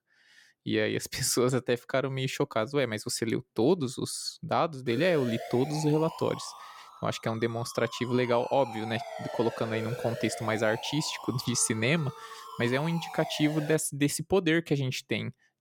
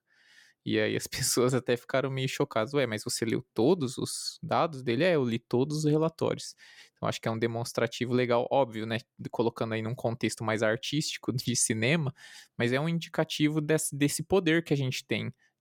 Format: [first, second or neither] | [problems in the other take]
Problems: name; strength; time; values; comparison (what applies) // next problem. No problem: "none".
second | siren; noticeable; from 5 to 14 s; peak 9 dB below the speech